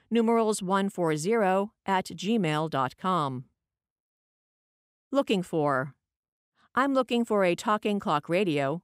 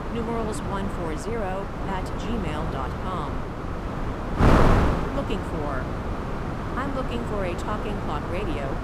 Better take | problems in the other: first | wind noise on the microphone; heavy; 3 dB above the speech

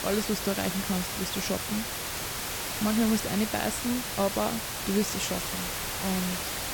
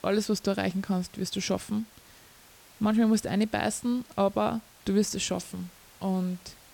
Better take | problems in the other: second | hiss; loud; throughout; 1 dB below the speech; faint in the second

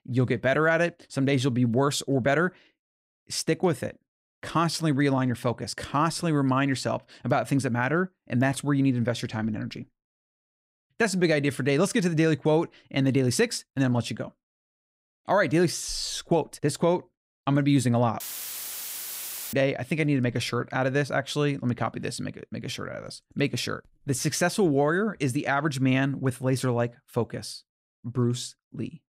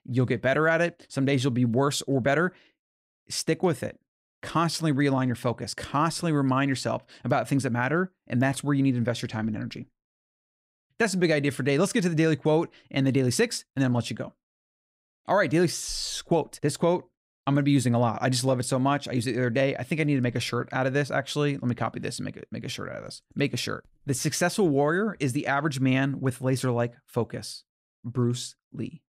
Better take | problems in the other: second | audio cutting out; filled with static; at 18 s for 1.5 s

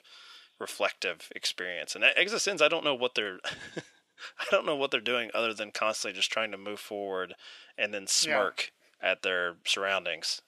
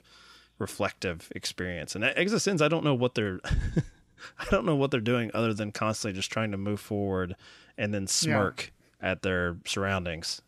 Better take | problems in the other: second | thin; very; fading below 450 Hz

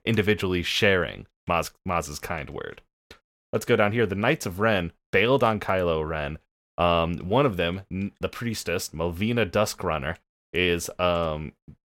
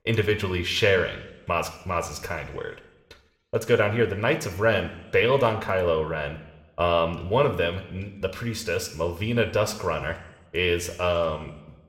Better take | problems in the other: first | room echo; very slight; dies away in 0.8 s

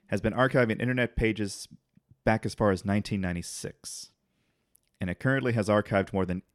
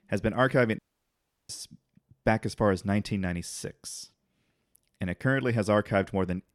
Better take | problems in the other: first | audio cutting out; at 1 s for 0.5 s

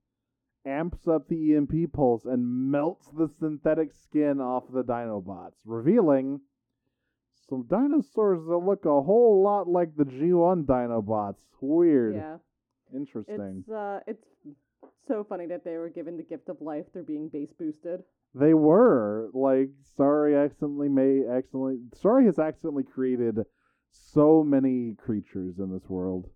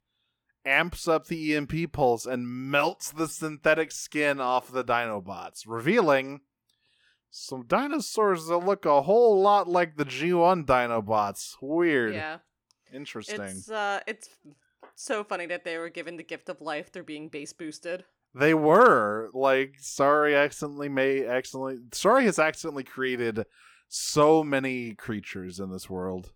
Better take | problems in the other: second | muffled; very; fading above 1.5 kHz

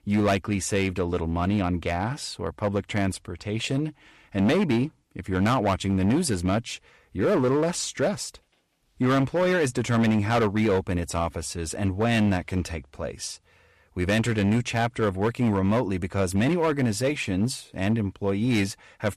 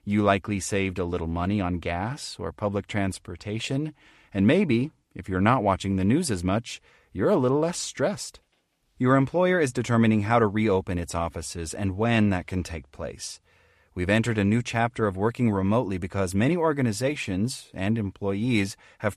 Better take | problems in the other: second | distortion; slight; 8% of the sound clipped

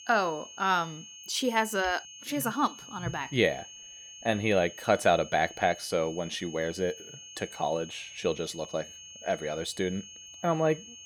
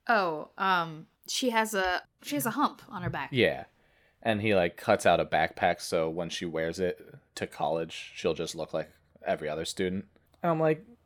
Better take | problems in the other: second | high-pitched whine; noticeable; throughout; 3 kHz, 15 dB below the speech

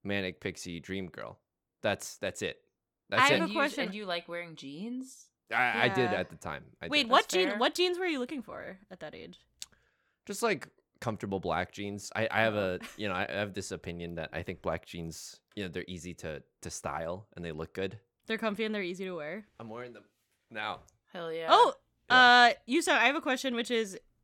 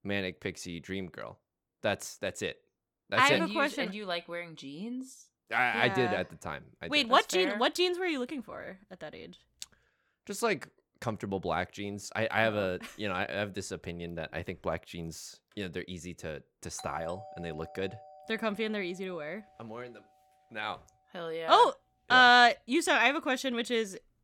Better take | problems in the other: first | doorbell; faint; from 17 to 19 s; peak 15 dB below the speech

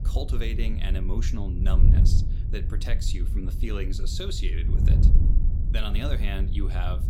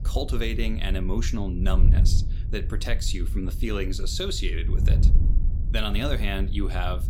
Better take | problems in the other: second | wind noise on the microphone; heavy; 5 dB below the speech; occasional gusts in the second

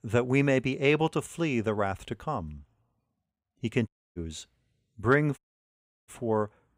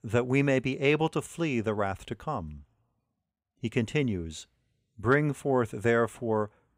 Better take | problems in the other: second | audio cutting out; at 4 s and at 5.5 s for 0.5 s

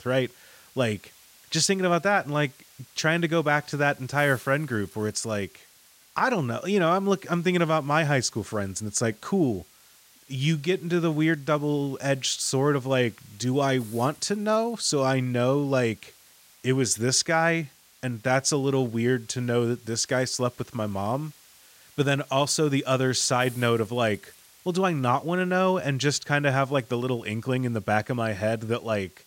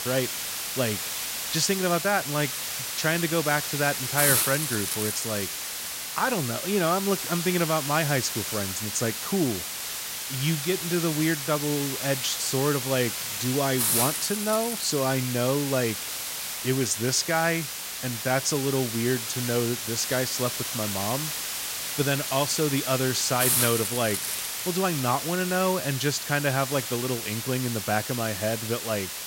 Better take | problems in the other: first | hiss; loud; throughout; 1 dB below the speech; faint in the first

